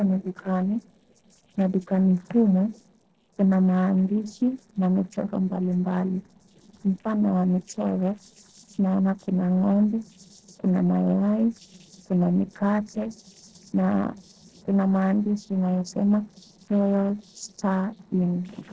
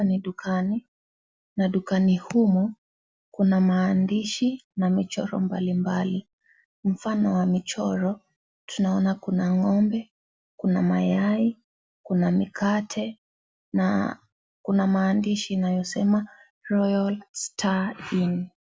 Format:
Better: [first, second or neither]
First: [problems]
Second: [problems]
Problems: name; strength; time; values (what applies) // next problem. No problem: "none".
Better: second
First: noise reduction (neural separator model SepFormer DNS4)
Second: none